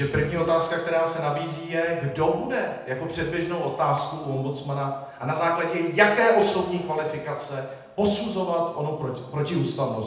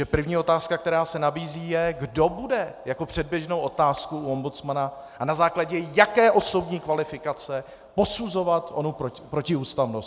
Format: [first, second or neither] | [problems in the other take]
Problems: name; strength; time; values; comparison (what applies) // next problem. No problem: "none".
second | room echo; dies away in 0.9 s